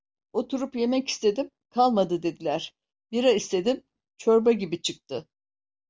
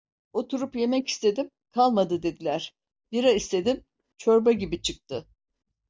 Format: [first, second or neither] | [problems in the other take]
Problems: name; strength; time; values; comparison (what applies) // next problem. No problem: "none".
first | noise reduction (neural mask model DeepFilterNet 3)